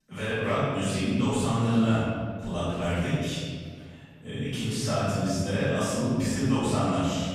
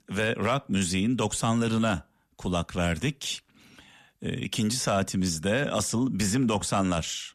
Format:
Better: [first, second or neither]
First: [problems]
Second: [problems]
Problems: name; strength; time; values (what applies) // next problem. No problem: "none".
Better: second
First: room echo; strong; dies away in 1.8 s // off-mic speech; far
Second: none